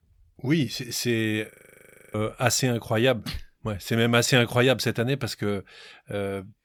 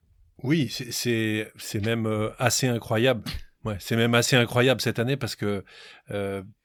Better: second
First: audio freezing; at 1.5 s for 0.5 s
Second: none

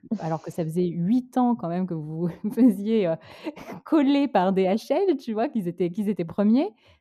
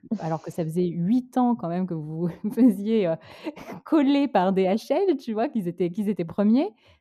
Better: neither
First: muffled; slightly; fading above 1.5 kHz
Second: muffled; slightly; fading above 1.5 kHz

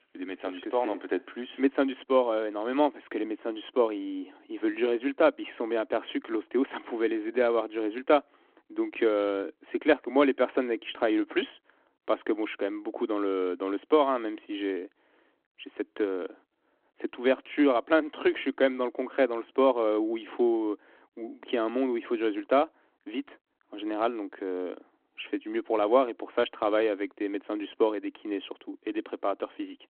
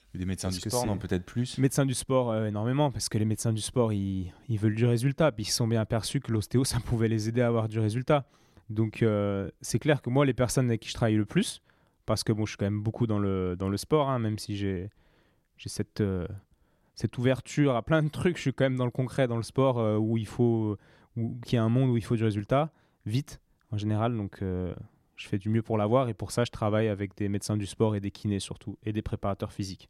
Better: second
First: phone-call audio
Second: none

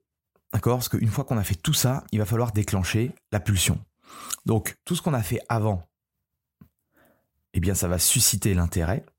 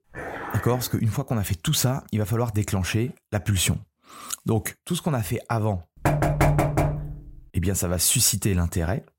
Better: first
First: none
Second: dog barking; noticeable; at the start; peak 9 dB below the speech // door banging; loud; from 6 to 7 s; peak 4 dB above the speech

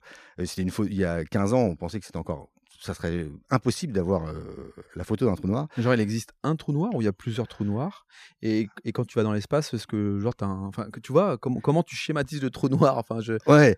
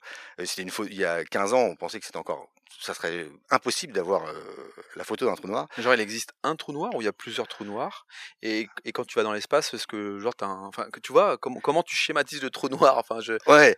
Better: first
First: none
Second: thin; somewhat; fading below 500 Hz

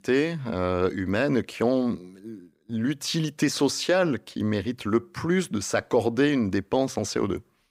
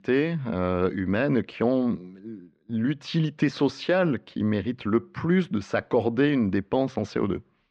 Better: first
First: none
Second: muffled; slightly; fading above 3.5 kHz

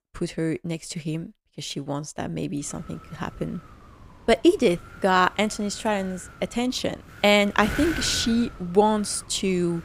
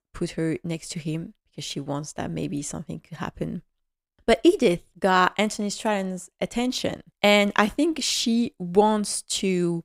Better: second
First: wind noise on the microphone; occasional gusts; from 2.5 s on; 15 dB below the speech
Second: none

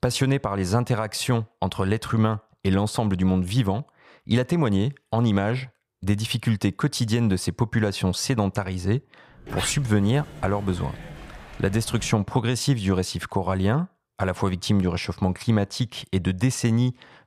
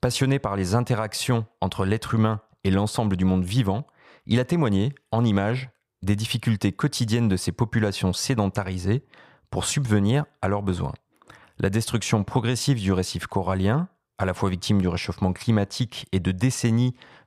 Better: second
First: door banging; noticeable; from 9.5 to 12 s; peak 7 dB below the speech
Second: none

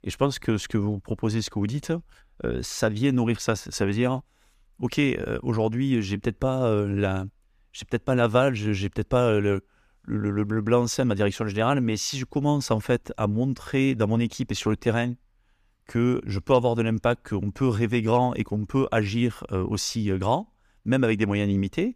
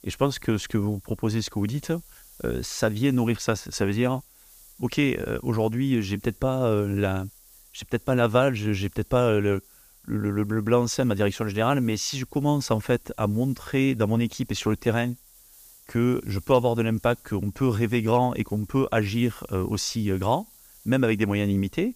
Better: first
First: none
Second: hiss; faint; throughout; 25 dB below the speech

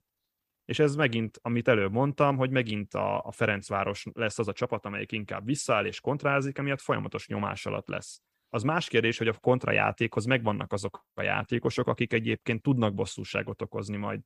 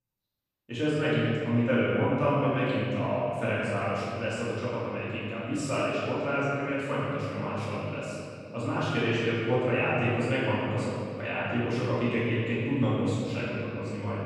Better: first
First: none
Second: off-mic speech; far // room echo; strong; dies away in 2.4 s

